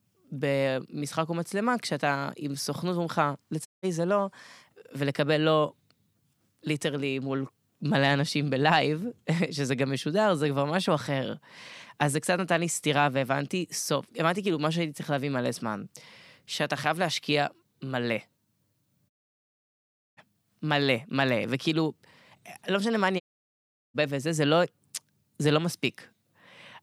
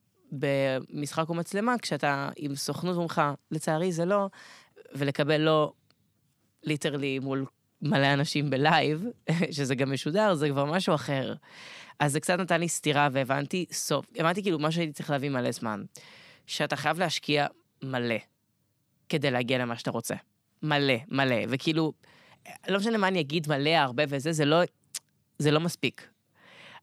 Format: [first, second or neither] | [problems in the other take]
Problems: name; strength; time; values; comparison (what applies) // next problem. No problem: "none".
second | audio cutting out; at 3.5 s, at 19 s for 1 s and at 23 s for 0.5 s